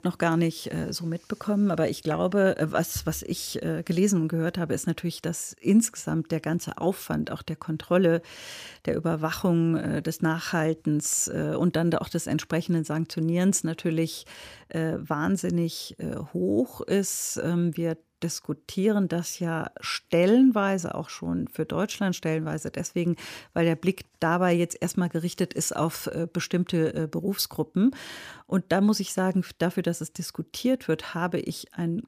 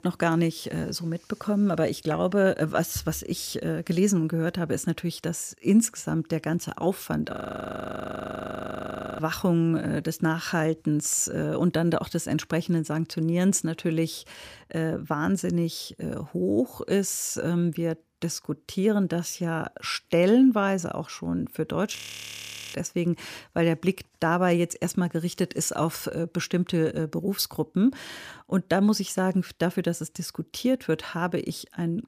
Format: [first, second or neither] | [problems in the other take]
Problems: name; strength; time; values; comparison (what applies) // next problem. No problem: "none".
first | audio freezing; at 7.5 s for 2 s and at 22 s for 1 s